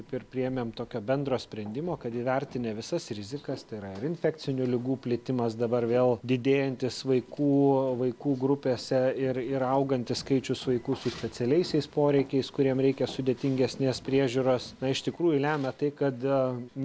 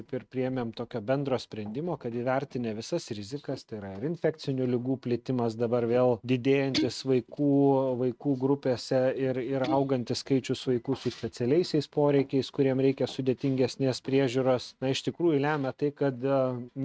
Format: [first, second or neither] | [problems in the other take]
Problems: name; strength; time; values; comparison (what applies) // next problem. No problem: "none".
first | noise reduction (neural mask model RNNoise)